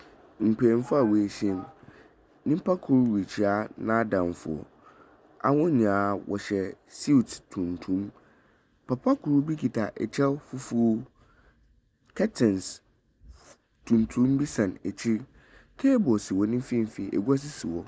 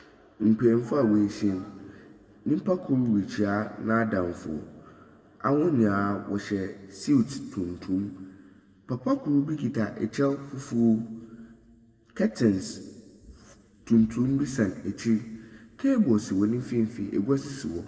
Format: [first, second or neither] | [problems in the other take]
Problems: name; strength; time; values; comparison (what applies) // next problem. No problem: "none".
first | room echo; dies away in 1.5 s